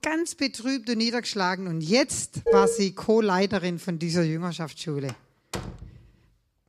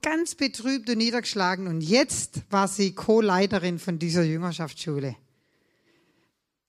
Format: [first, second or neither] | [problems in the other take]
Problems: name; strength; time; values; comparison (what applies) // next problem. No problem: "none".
second | clattering dishes; loud; at 2.5 s; peak 5 dB above the speech // door banging; faint; at 5 s; peak 10 dB below the speech